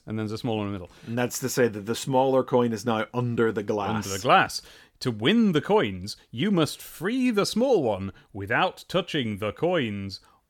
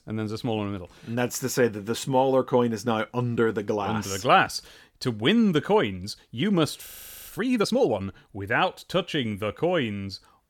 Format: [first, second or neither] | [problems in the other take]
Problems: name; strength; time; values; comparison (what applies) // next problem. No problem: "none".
first | audio freezing; at 7 s